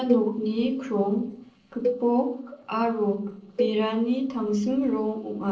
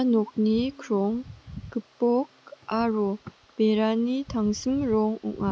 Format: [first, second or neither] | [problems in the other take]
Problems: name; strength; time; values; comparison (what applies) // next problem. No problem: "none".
second | noise reduction (neural separator model SepFormer DNS4)